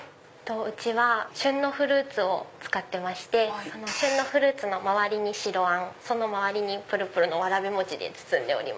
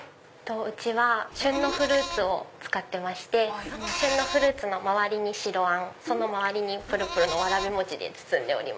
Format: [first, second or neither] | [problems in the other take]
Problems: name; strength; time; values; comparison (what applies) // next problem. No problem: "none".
first | background sound (Gurgling + Livestock, farm animals, working animals); 7 dB below the speech